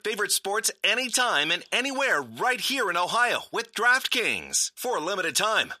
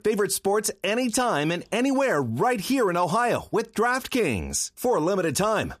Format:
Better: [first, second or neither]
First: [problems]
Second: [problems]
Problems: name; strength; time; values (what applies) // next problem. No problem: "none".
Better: second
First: thin; somewhat; fading below 950 Hz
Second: none